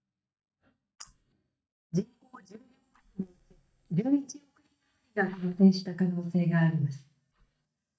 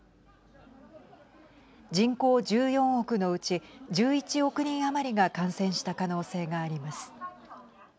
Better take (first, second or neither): second